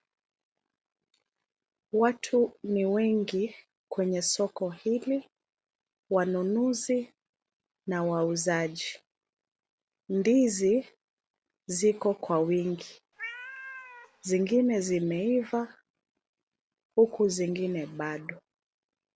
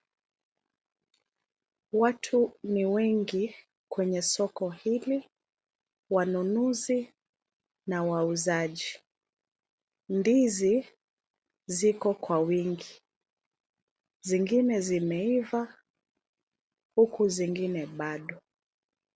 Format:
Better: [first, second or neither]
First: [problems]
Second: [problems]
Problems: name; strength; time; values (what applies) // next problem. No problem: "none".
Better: second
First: background sound (Cat); 14 dB below the speech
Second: none